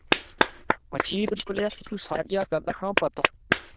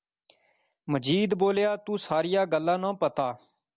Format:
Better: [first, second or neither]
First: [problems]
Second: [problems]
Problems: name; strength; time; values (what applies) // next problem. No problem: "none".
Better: second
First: noise reduction (neural diffusion model UNIVERSE++)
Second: none